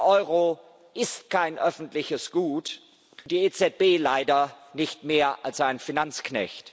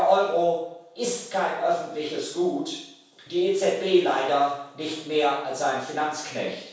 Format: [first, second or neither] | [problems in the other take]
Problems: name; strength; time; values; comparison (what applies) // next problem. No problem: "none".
first | room echo; dies away in 0.7 s